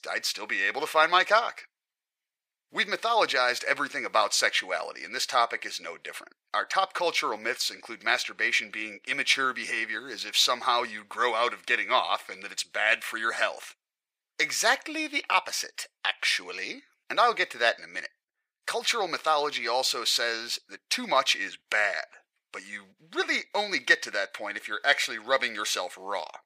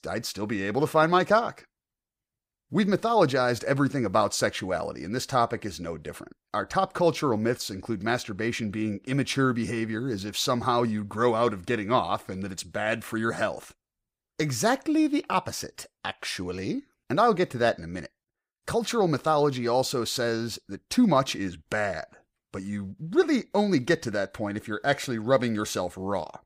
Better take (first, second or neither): second